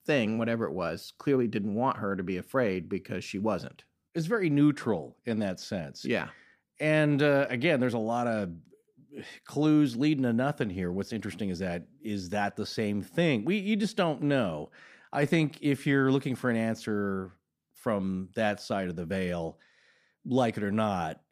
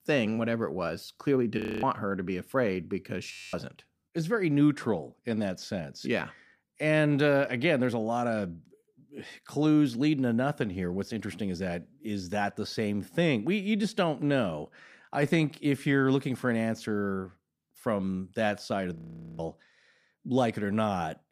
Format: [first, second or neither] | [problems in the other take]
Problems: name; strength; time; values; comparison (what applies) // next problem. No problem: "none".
first | audio freezing; at 1.5 s, at 3.5 s and at 19 s